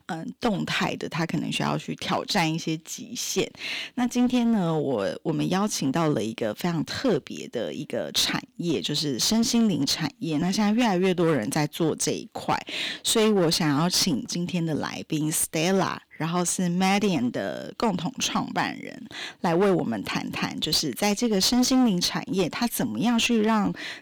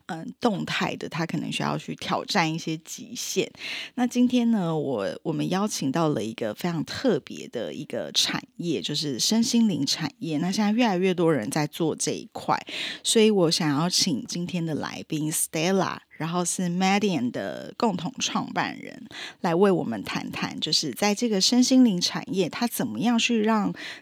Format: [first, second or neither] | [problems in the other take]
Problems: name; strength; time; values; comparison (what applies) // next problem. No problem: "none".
second | distortion; slight; 9% of the sound clipped